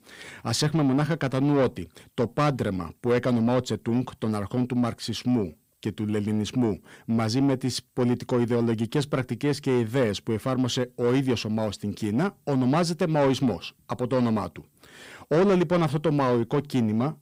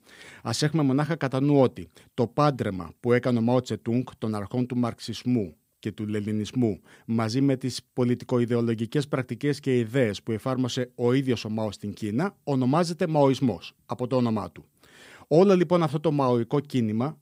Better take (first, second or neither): second